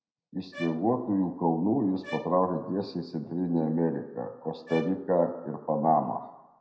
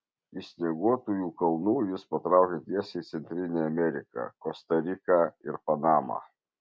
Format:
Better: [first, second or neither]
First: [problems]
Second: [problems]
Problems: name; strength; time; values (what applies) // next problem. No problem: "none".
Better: second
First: background sound (Bowed string instrument); 18 dB below the speech // room echo; dies away in 0.8 s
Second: none